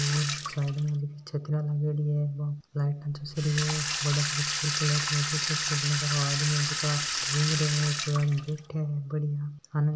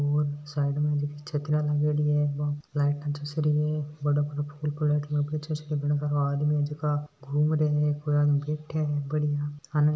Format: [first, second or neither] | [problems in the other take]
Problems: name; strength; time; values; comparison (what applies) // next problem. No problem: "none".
second | background sound (Sink (filling or washing) / Water tap, faucet); 4 dB below the speech